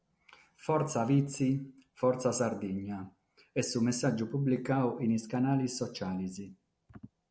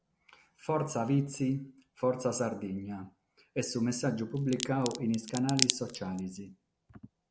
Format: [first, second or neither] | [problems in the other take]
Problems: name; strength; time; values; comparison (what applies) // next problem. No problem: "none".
first | background sound (Crack); 3 dB below the speech